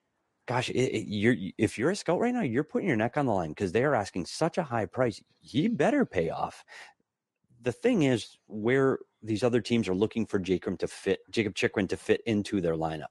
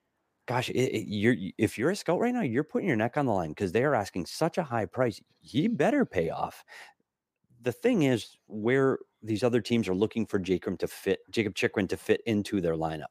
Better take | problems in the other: second | garbled, watery; slightly; nothing above 10.5 kHz

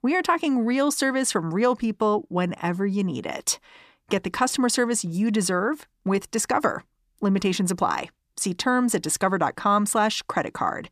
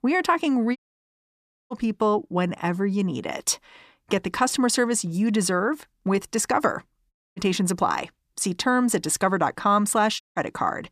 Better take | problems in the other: first | audio cutting out; at 1 s for 1 s, at 7 s and at 10 s

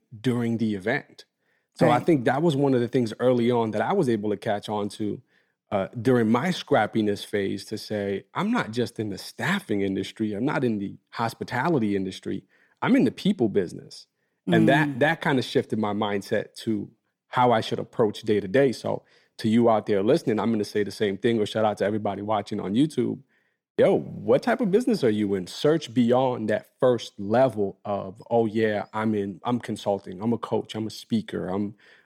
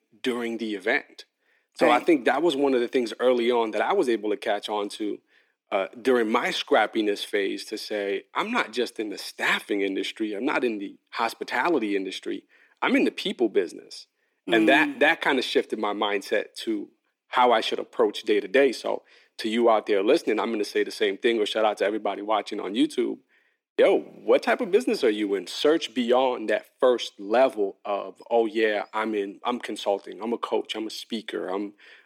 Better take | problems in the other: first | thin; very slightly; fading below 300 Hz

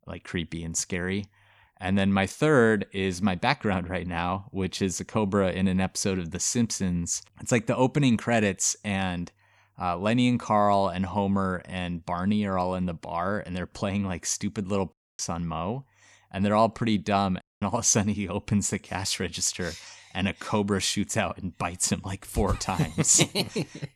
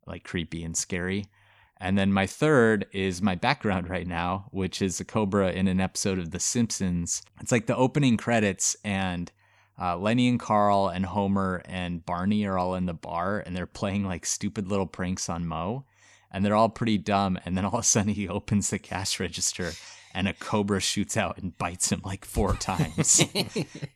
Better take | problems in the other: second | audio cutting out; at 15 s and at 17 s

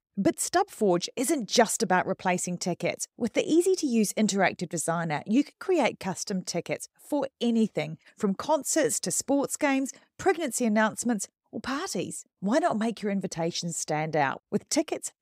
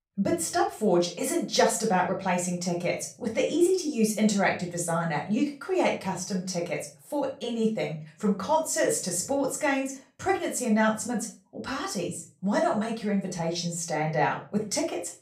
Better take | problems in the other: first | off-mic speech; far // room echo; slight; dies away in 0.3 s

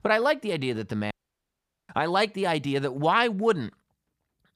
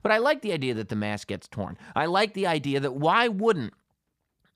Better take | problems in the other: second | audio cutting out; at 1 s for 1 s

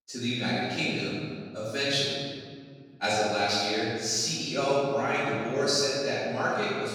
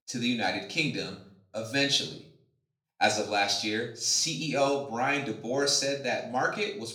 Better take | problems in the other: second | room echo; strong; dies away in 1.8 s; slight in the second // off-mic speech; far; somewhat distant in the second

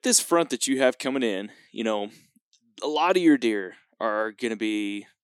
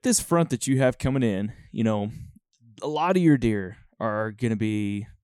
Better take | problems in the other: second | thin; very slightly; fading below 300 Hz

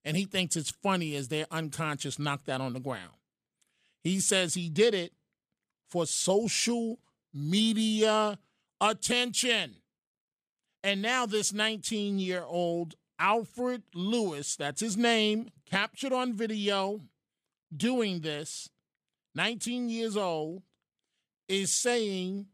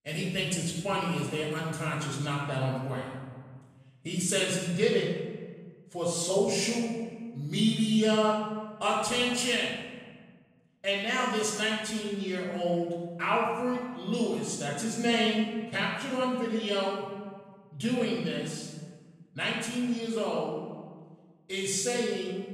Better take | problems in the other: first | off-mic speech; far // room echo; noticeable; dies away in 1.5 s

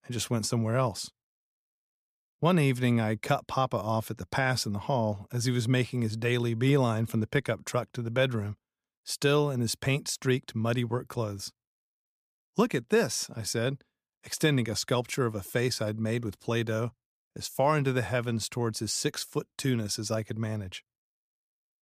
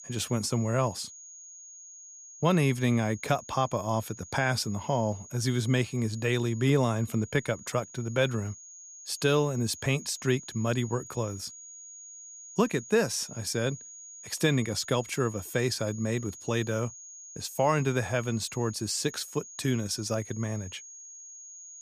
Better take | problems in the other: first | high-pitched whine; noticeable; throughout; 6.5 kHz, 15 dB below the speech

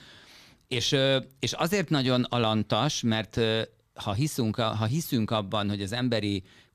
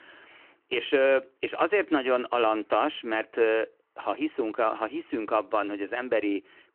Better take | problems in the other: first | phone-call audio

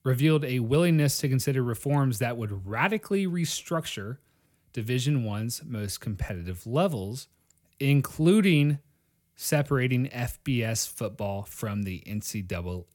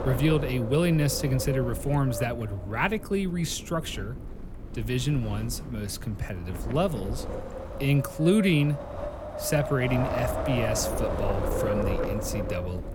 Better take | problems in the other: first | wind noise on the microphone; heavy; 2 dB below the speech

